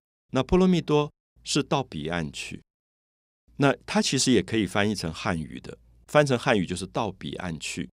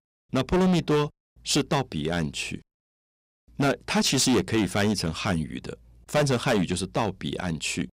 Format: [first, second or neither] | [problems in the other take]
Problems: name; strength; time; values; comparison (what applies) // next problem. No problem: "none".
first | distortion; heavy; 9% of the sound clipped